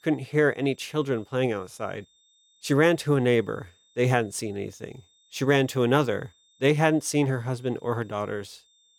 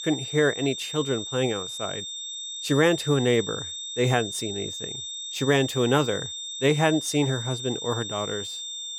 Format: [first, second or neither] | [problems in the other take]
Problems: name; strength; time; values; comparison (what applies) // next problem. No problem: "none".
first | high-pitched whine; loud; throughout; 3.5 kHz, 7 dB below the speech; faint in the first